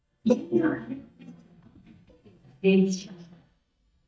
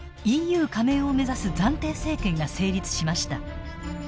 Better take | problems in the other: second | noise reduction (neural mask model DeepFilterNet 3)

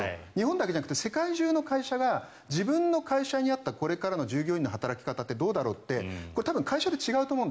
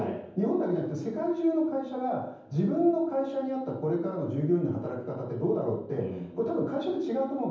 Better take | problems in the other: first | room echo; dies away in 0.9 s

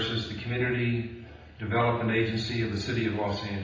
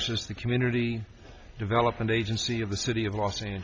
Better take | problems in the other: second | room echo; dies away in 0.9 s

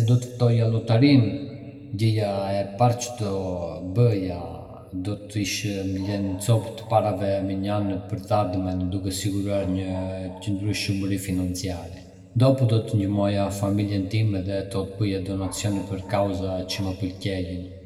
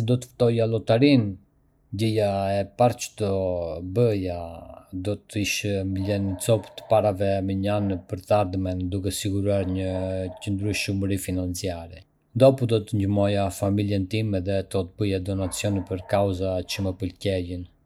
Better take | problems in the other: second | room echo; dies away in 1.5 s

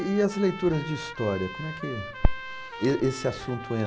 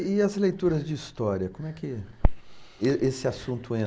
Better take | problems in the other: second | background sound (Trumpet); 12 dB below the speech

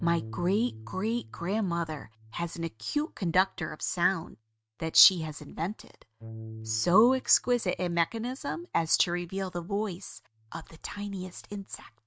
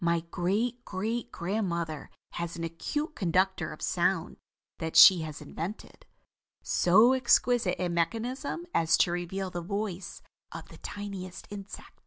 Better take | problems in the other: second | noise reduction (neural mask model RNNoise)

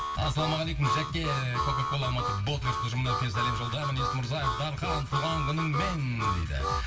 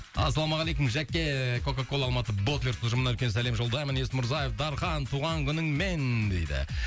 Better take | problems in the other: second | background sound (Harmonica); 3 dB below the speech // room echo; dies away in 1.9 s

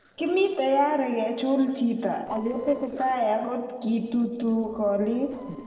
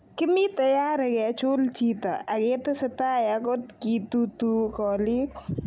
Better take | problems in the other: second | noise reduction (neural separator model SepFormer DNS4)

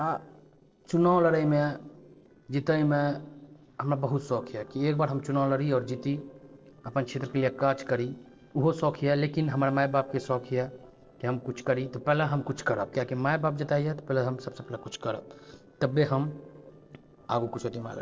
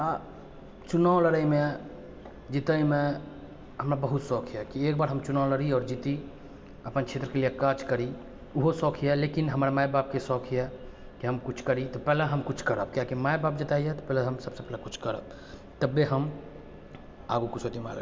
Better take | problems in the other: second | noise reduction (neural separator model SepFormer DNS4)

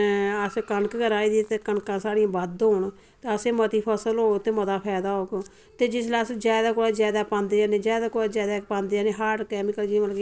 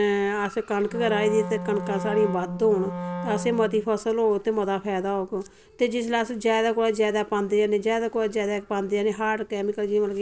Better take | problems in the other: first | background sound (Wind instrument, woodwind instrument); 8 dB below the speech

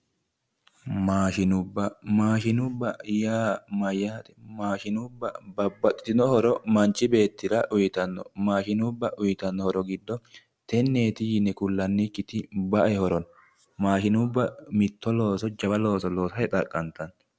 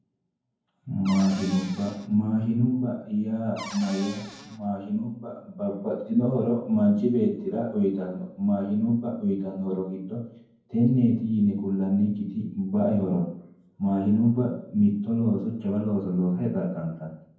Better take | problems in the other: first | background sound (Cupboard open or close / Door); 15 dB below the speech // room echo; dies away in 0.9 s

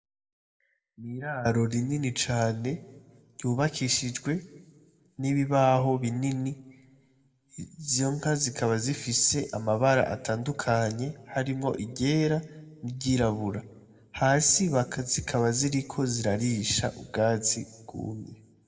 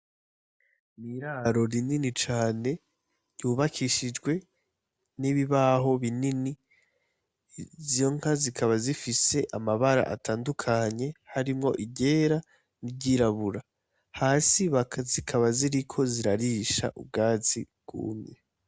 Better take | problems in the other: second | room echo; dies away in 0.7 s

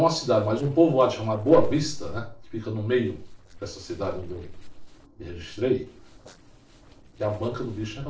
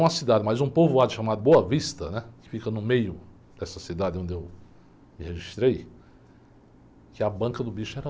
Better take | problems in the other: second | noise reduction (neural separator model SepFormer DNS4)

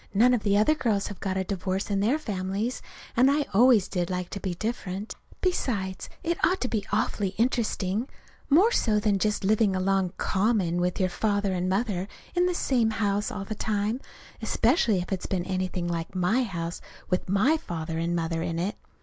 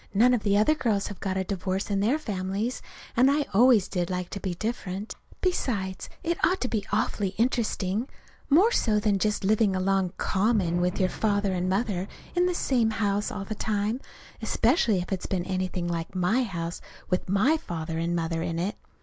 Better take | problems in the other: first | background sound (Fireworks); 15 dB below the speech

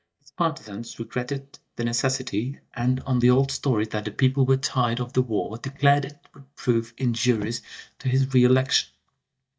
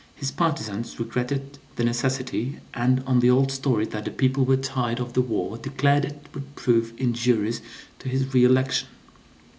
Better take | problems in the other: second | noise reduction (neural mask model DeepFilterNet 3)

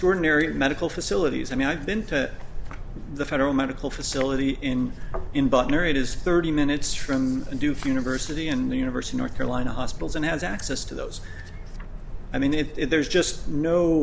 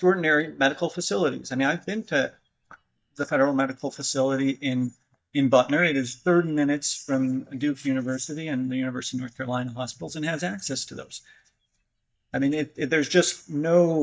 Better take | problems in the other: first | noise reduction (neural mask model DeepFilterNet 3)

